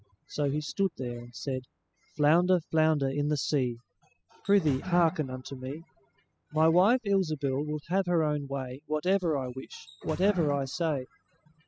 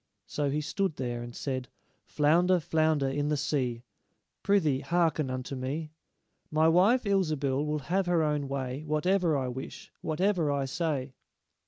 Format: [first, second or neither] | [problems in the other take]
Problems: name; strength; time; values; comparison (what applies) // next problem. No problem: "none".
second | noise reduction (classical method spectral subtraction)